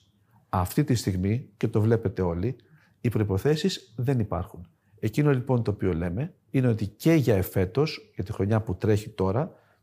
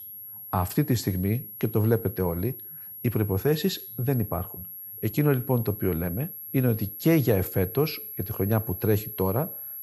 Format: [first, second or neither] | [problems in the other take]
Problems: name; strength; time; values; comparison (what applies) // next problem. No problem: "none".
first | high-pitched whine; loud; throughout; 11.5 kHz, 10 dB below the speech